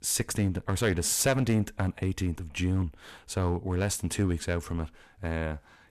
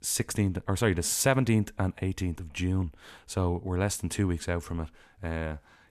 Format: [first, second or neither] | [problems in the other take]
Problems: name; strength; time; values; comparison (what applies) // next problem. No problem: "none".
second | distortion; slight; 4% of the sound clipped